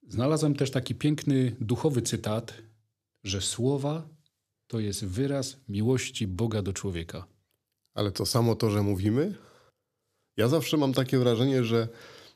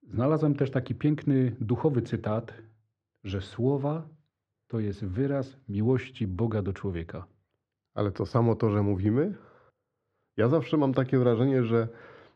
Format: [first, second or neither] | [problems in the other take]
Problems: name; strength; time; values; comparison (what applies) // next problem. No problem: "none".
first | muffled; very; fading above 1.5 kHz